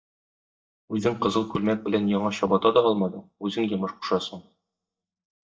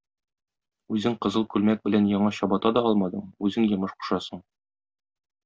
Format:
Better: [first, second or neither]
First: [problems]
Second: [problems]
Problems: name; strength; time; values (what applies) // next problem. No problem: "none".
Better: second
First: noise reduction (neural mask model DeepFilterNet 3)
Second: none